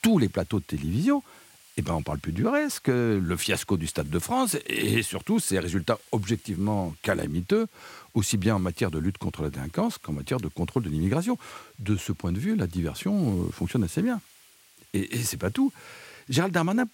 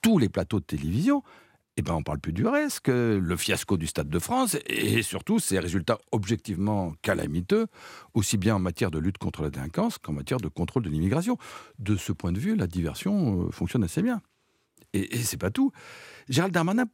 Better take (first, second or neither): second